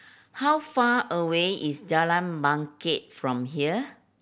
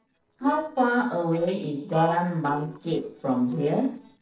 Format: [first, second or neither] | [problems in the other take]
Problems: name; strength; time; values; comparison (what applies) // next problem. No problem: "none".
first | noise reduction (neural separator model SepFormer DNS4)